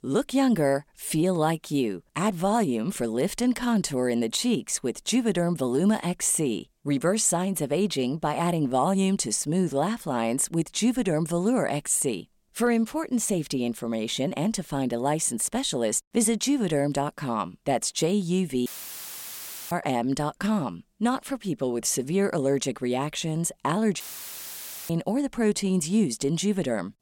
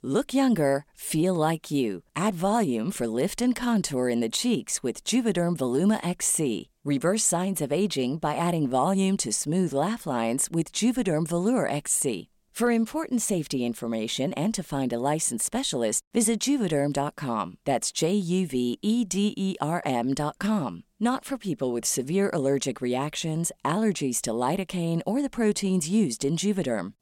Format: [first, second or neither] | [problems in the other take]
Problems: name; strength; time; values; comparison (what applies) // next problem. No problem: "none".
second | audio cutting out; filled with static; at 19 s for 1 s and at 24 s for 1 s